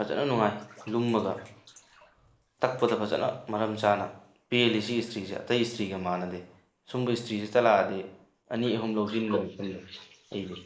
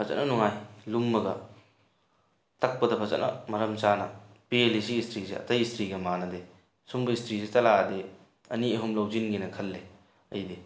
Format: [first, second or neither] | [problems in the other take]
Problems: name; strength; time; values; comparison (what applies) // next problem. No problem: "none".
second | noise reduction (neural mask model Resemble Enhance denoiser)